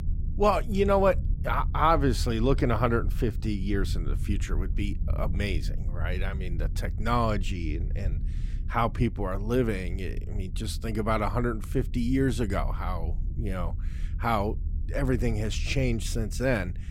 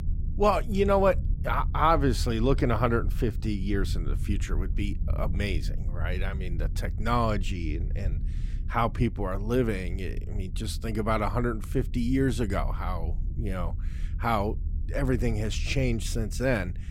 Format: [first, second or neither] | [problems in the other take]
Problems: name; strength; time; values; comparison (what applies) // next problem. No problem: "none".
neither | low rumble; faint; throughout; 20 dB below the speech; the same in both